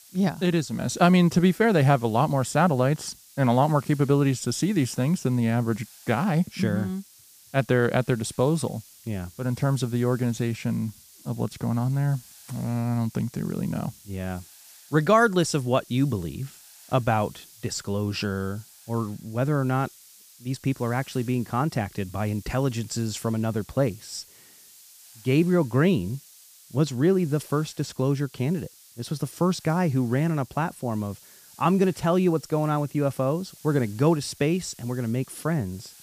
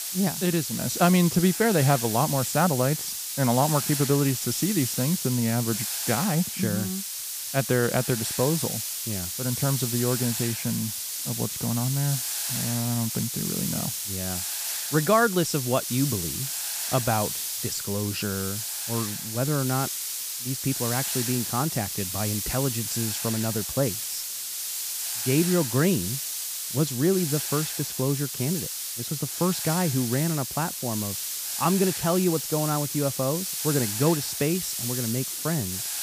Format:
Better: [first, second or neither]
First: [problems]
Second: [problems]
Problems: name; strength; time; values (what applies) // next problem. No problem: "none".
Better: first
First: hiss; faint; throughout; 25 dB below the speech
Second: hiss; loud; throughout; 2 dB below the speech